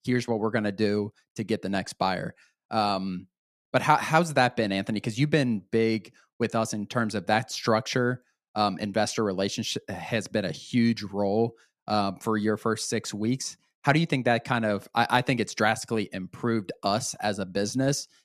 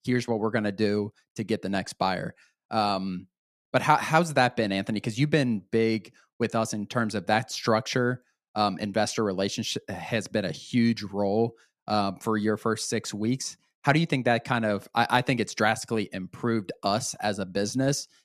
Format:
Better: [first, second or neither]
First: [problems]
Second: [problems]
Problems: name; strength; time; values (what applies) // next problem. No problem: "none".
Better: neither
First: none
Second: none